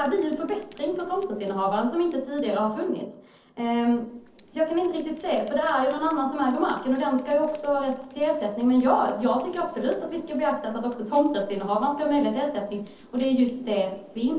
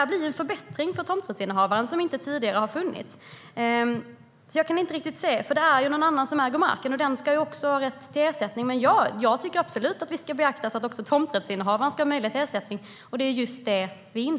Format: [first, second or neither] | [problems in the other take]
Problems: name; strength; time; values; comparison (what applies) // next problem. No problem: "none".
second | noise reduction (neural separator model SepFormer DNS4)